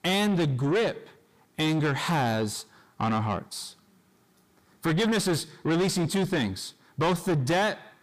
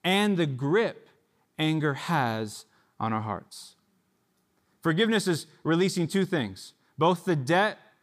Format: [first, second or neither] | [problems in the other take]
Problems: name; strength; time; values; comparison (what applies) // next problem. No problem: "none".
second | distortion; heavy; 7 dB below the speech